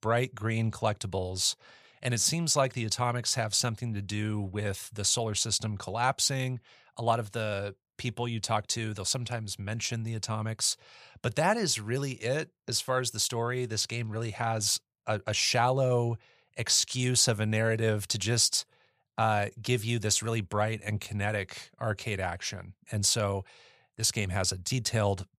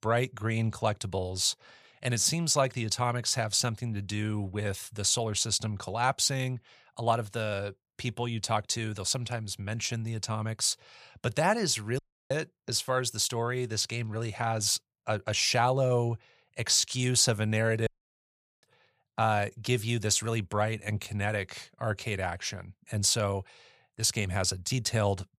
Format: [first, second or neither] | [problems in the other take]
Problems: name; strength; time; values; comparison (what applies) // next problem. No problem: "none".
first | audio cutting out; at 12 s and at 18 s for 1 s